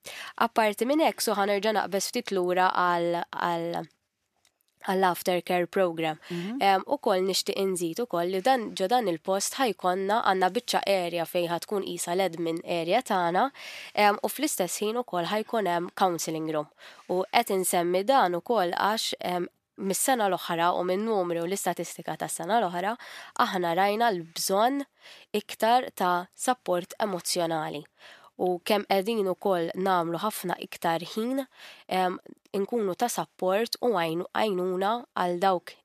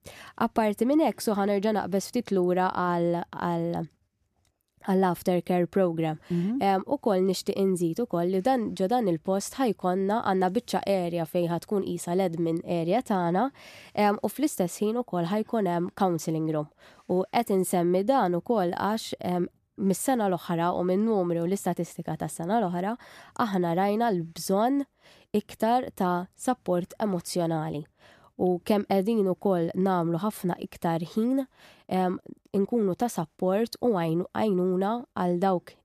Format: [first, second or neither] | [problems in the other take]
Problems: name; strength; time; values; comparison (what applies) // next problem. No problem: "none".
second | thin; somewhat; fading below 800 Hz